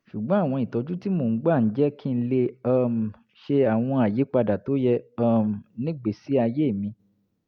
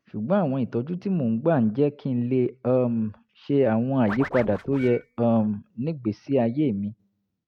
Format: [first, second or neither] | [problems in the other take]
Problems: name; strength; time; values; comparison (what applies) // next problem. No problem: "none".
first | noise reduction (neural mask model RNNoise)